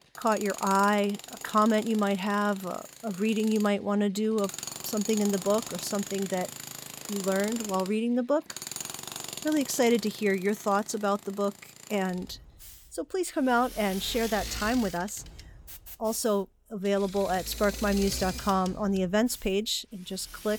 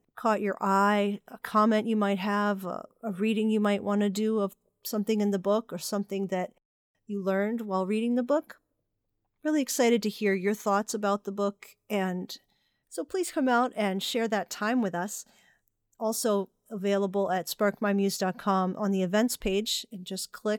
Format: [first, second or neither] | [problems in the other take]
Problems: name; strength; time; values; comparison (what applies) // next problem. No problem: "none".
second | machinery noise; noticeable; throughout; 10 dB below the speech